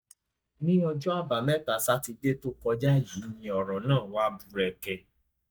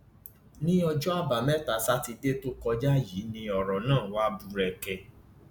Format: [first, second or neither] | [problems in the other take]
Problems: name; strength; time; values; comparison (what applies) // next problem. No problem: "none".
second | noise reduction (neural mask model DeepFilterNet 3)